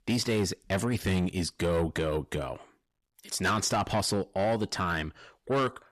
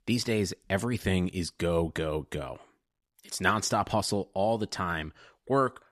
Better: second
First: distortion; slight; 10 dB below the speech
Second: none

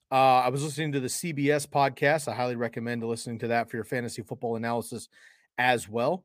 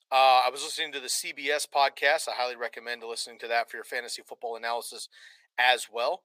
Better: first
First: none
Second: thin; very; fading below 600 Hz

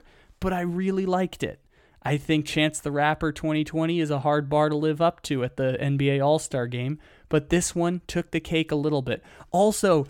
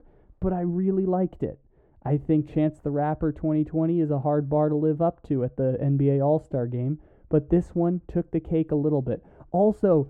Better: first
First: none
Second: muffled; very; fading above 1.5 kHz

